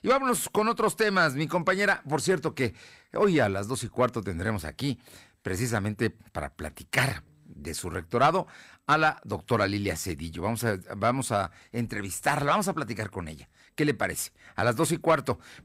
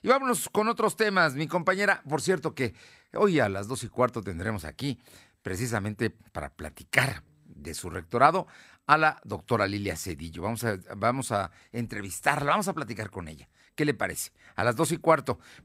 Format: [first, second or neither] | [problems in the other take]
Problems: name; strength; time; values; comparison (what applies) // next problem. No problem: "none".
second | distortion; slight; 10 dB below the speech